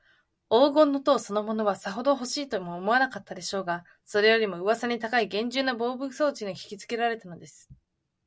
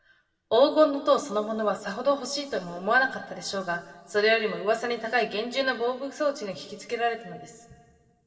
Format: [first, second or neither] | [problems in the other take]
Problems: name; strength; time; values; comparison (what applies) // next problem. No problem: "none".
first | room echo; dies away in 1.4 s